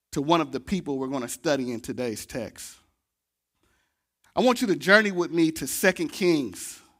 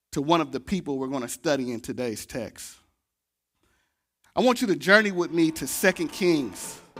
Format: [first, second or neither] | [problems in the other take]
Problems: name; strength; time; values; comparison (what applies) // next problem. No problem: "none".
first | machinery noise; very faint; from 5.5 s on; 25 dB below the speech